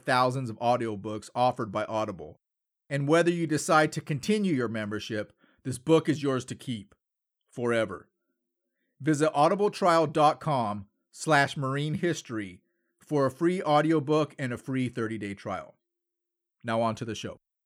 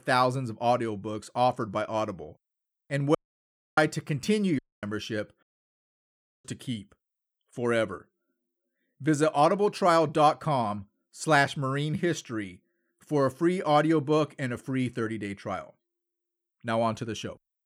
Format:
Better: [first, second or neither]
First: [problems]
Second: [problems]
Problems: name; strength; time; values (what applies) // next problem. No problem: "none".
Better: first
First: none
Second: audio cutting out; at 3 s for 0.5 s, at 4.5 s and at 5.5 s for 1 s